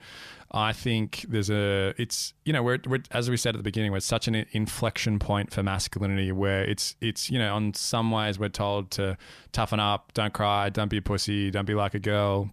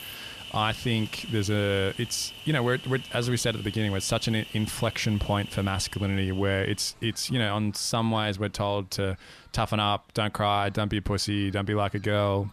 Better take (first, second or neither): first